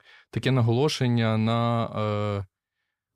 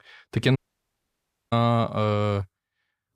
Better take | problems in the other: first | audio cutting out; at 0.5 s for 1 s

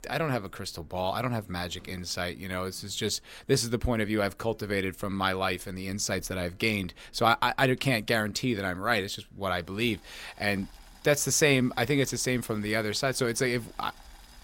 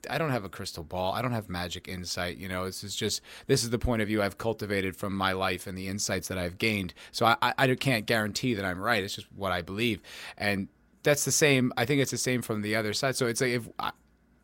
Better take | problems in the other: second | household noises; faint; throughout; 30 dB below the speech

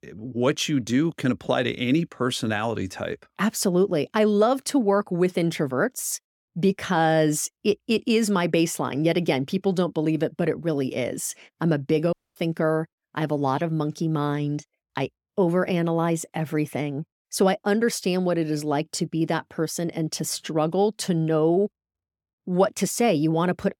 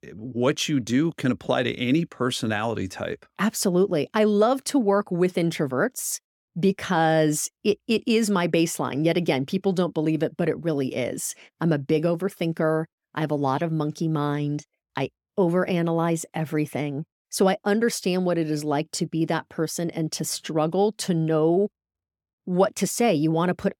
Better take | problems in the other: second | audio cutting out; at 12 s

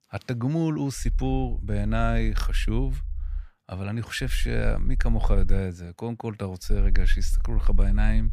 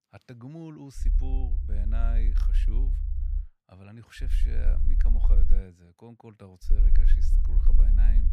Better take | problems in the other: first | low rumble; loud; from 1 to 3.5 s, from 4 to 5.5 s and from 6.5 s on; 3 dB below the speech; faint in the first

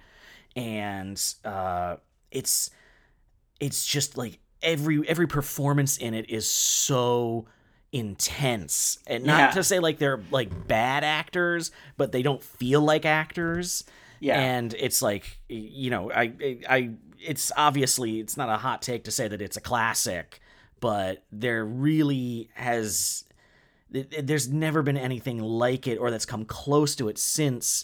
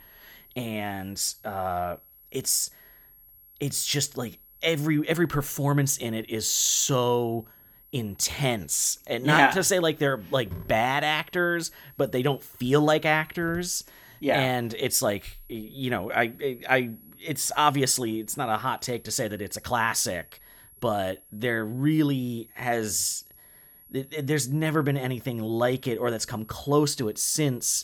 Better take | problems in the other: first | high-pitched whine; faint; throughout; 11.5 kHz, 25 dB below the speech

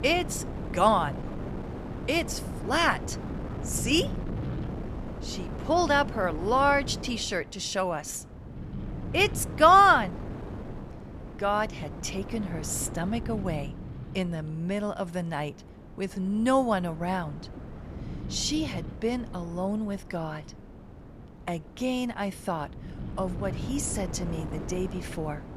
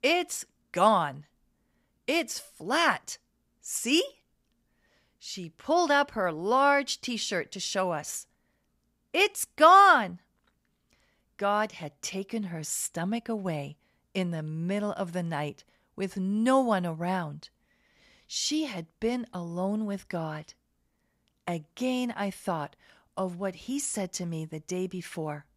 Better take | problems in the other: second | wind noise on the microphone; occasional gusts; 20 dB below the speech

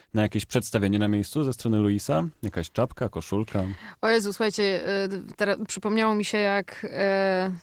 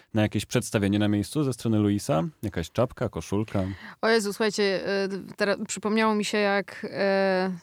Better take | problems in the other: second | garbled, watery; slightly

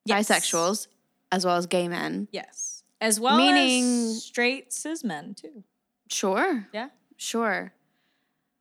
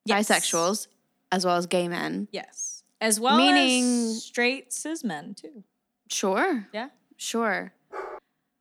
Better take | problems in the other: first | dog barking; faint; at 8 s; peak 15 dB below the speech

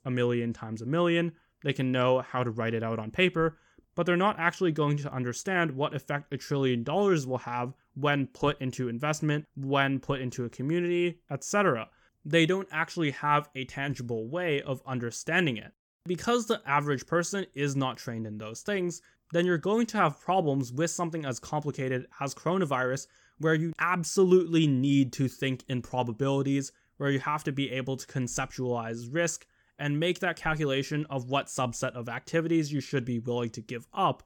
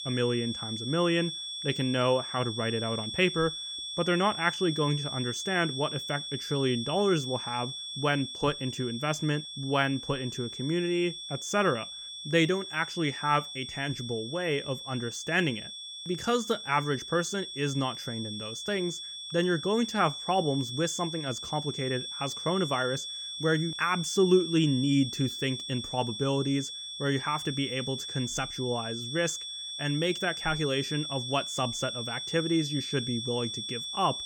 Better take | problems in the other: first | high-pitched whine; loud; throughout; 3.5 kHz, 6 dB below the speech

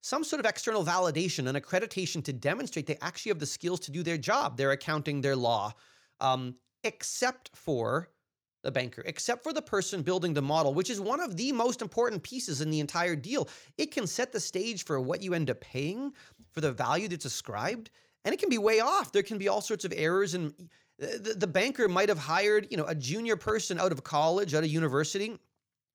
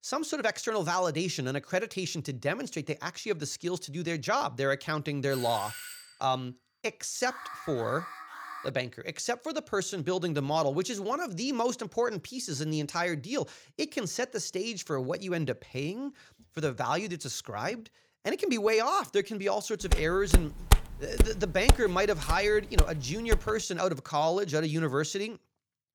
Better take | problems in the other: first | doorbell; noticeable; at 5.5 s; peak 8 dB below the speech // alarm; faint; from 7 to 8.5 s; peak 10 dB below the speech // footsteps; loud; from 20 to 23 s; peak 5 dB above the speech

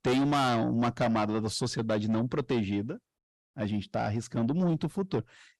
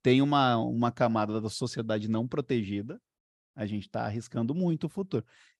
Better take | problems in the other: second | distortion; heavy; 8 dB below the speech

